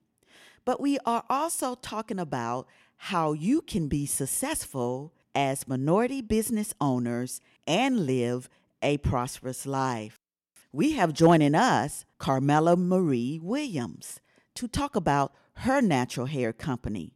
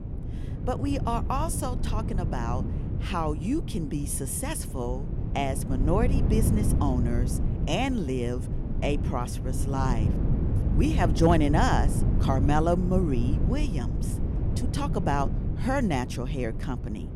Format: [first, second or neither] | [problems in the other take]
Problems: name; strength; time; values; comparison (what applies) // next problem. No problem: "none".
first | wind noise on the microphone; heavy; 9 dB below the speech